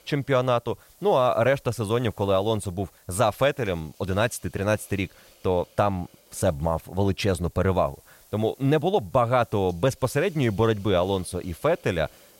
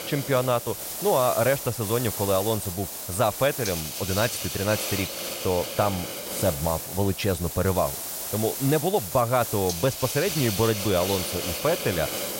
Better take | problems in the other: first | hiss; loud; throughout; 4 dB below the speech; faint in the first

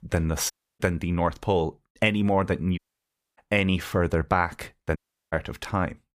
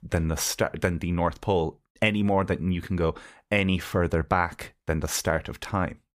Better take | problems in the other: second | audio cutting out; at 0.5 s, at 3 s for 0.5 s and at 5 s

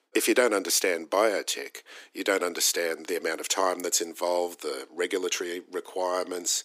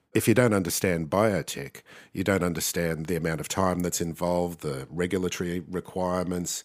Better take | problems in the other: second | thin; somewhat; fading below 300 Hz

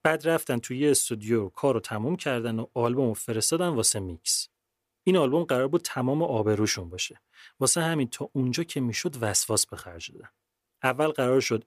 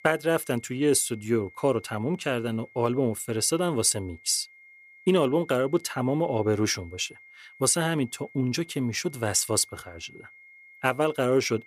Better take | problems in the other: first | high-pitched whine; faint; throughout; 2 kHz, 25 dB below the speech

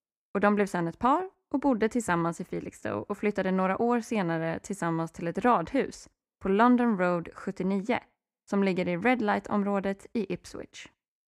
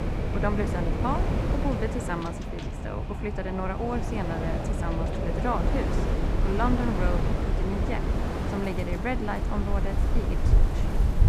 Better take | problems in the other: first | wind in the background; very loud; throughout; 4 dB above the speech

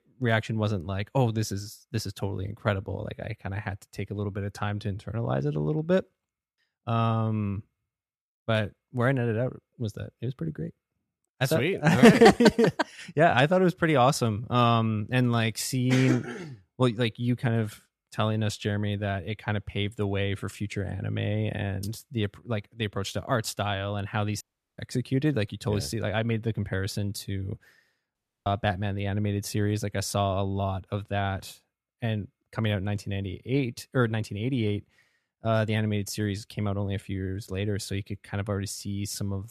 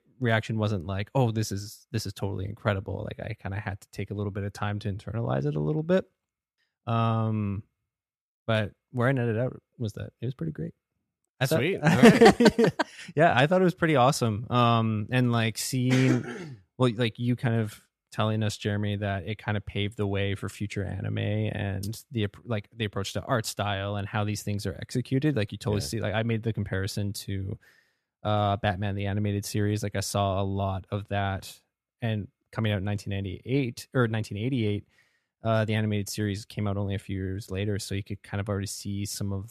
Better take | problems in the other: second | audio cutting out; at 24 s and at 28 s

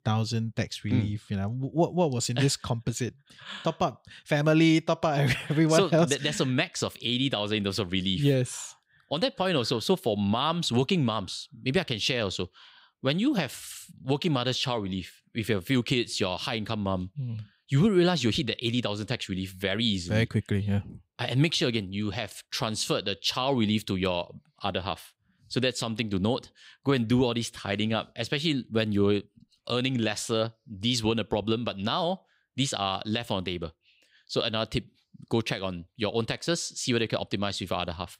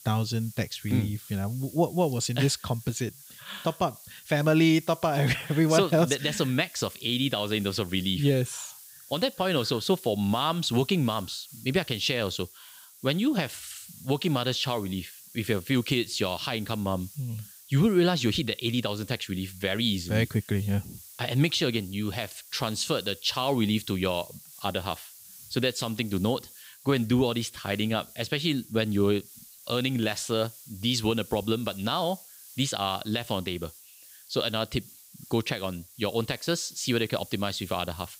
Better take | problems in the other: first | hiss; noticeable; throughout; 20 dB below the speech

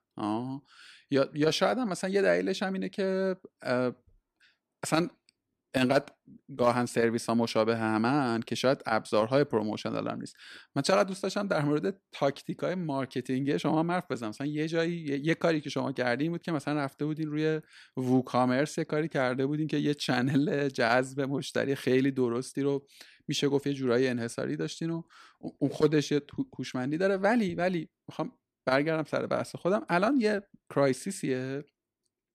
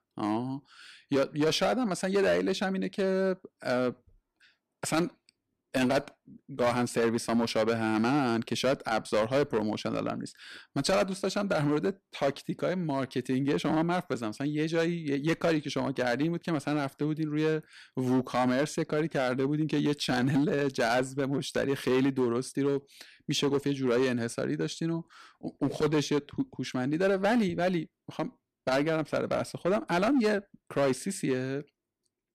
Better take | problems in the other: first | distortion; slight; 6% of the sound clipped

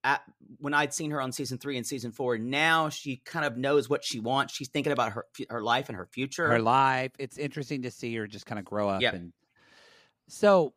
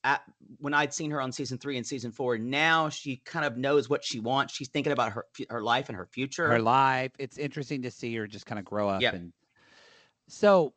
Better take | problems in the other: first | garbled, watery; slightly; nothing above 7.5 kHz

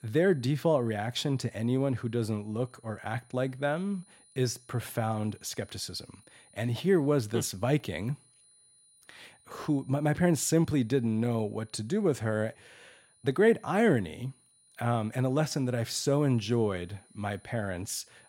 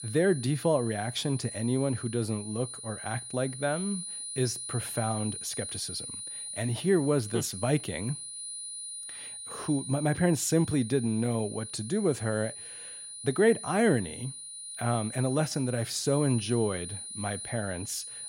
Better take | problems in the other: first | high-pitched whine; loud; throughout; 9.5 kHz, 8 dB below the speech; faint in the first

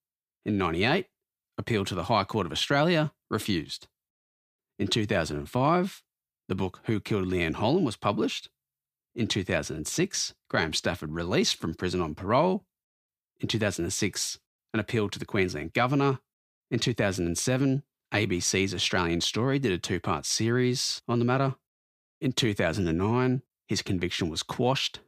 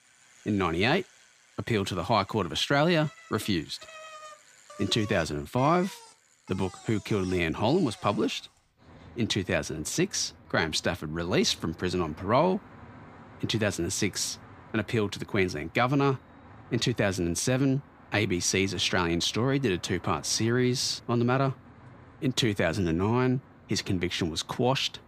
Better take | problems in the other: first | traffic noise; faint; throughout; 25 dB below the speech

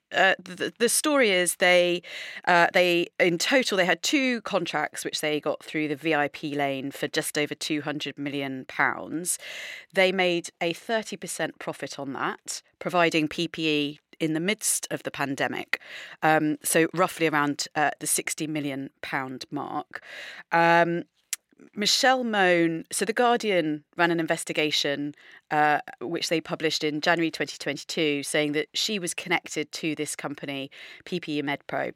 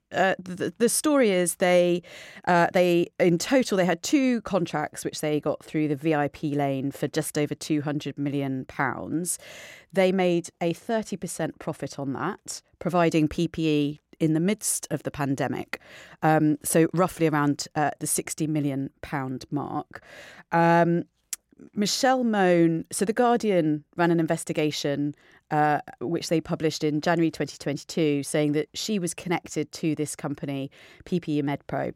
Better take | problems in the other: second | thin; very slightly; fading below 400 Hz

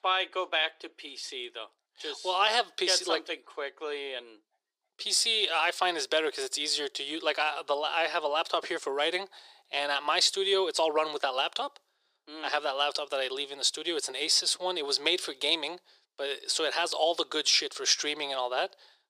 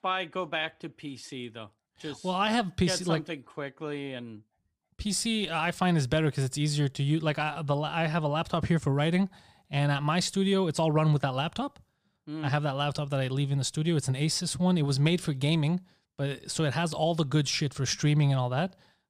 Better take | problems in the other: second | thin; very; fading below 400 Hz

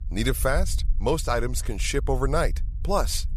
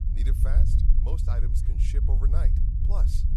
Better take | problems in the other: first | low rumble; loud; throughout; as loud as the speech; faint in the first

